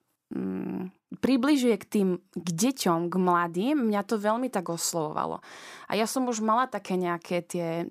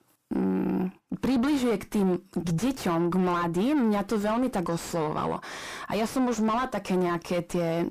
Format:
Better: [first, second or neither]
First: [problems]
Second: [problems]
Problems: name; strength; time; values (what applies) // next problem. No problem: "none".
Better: first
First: none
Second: distortion; heavy; 5 dB below the speech